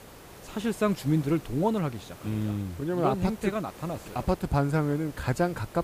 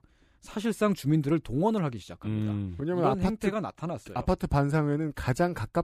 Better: second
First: hiss; noticeable; throughout; 20 dB below the speech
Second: none

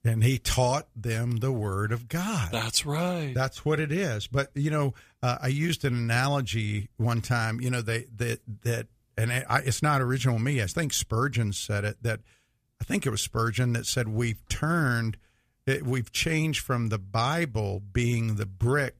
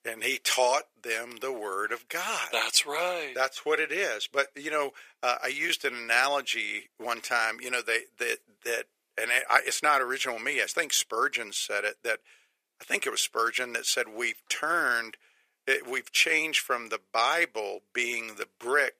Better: first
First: none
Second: thin; very; fading below 400 Hz

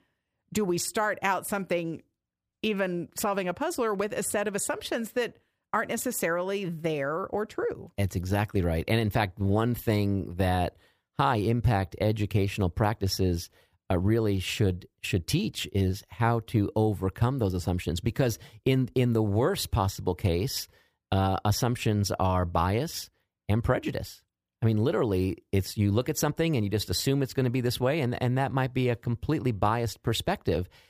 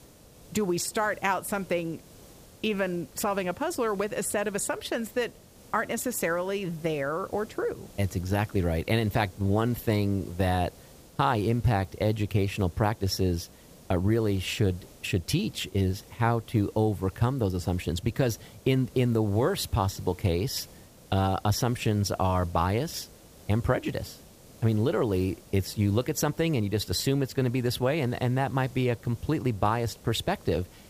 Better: first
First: none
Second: hiss; faint; throughout; 25 dB below the speech

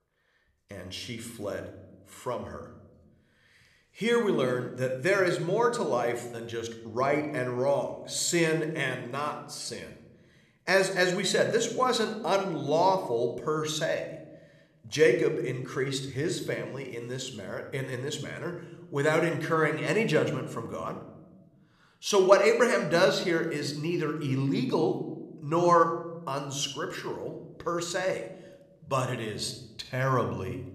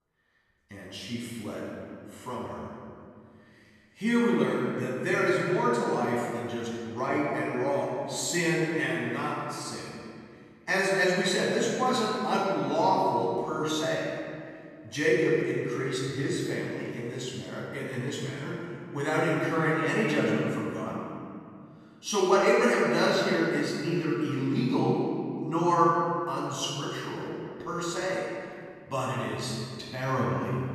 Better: first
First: room echo; slight; dies away in 0.8 s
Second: room echo; strong; dies away in 2.1 s // off-mic speech; far

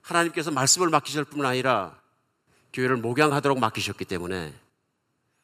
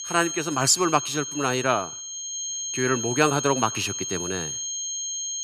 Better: first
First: none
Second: high-pitched whine; loud; throughout; 6.5 kHz, 5 dB below the speech

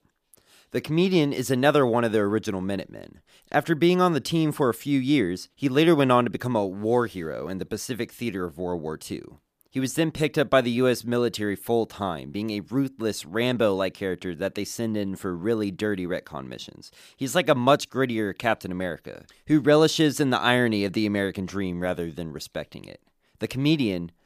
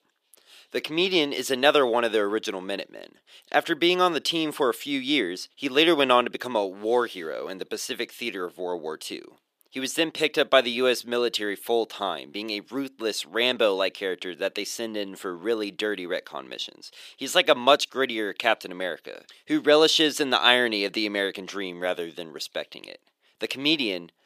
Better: first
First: none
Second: thin; somewhat; fading below 400 Hz

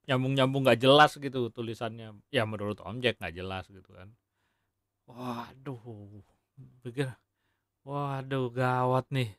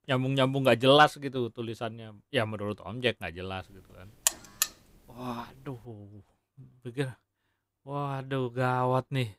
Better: first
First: none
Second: alarm; loud; at 4.5 s; peak 2 dB above the speech

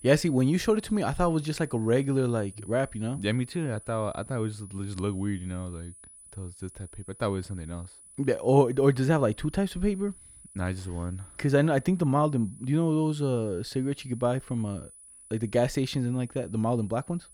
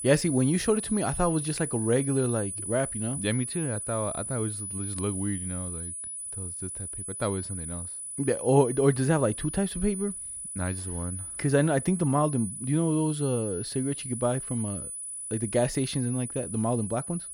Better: first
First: high-pitched whine; faint; throughout; 10 kHz, 20 dB below the speech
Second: high-pitched whine; loud; throughout; 10 kHz, 6 dB below the speech

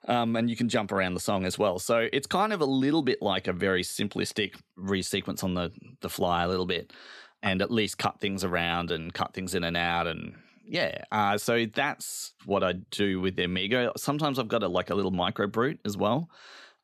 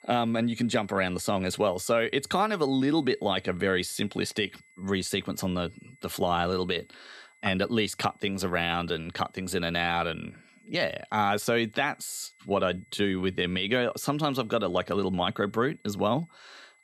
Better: first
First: none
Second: high-pitched whine; faint; throughout; 2 kHz, 30 dB below the speech

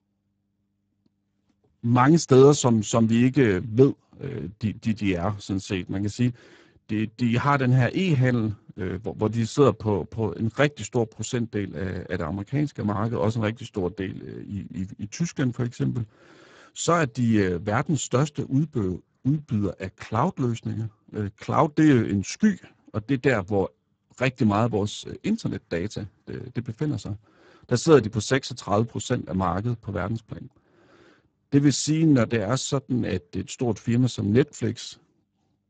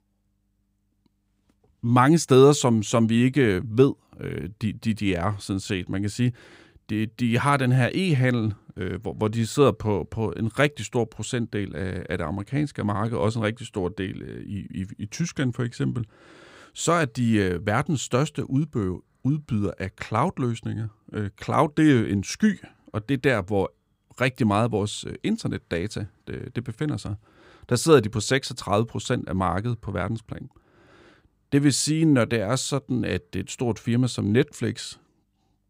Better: second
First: garbled, watery; badly; nothing above 7.5 kHz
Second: none

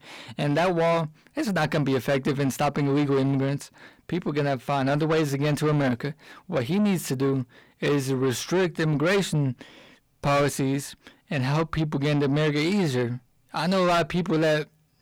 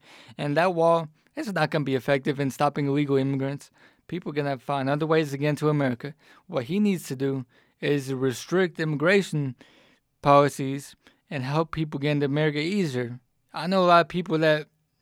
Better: second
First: distortion; heavy; 6 dB below the speech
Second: none

